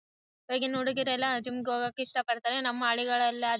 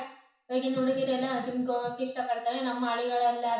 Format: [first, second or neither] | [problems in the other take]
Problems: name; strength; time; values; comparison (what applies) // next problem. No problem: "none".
first | room echo; dies away in 0.6 s